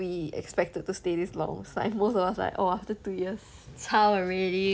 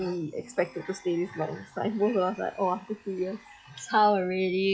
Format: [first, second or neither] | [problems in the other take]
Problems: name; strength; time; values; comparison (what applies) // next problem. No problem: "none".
first | noise reduction (classical method log-MMSE)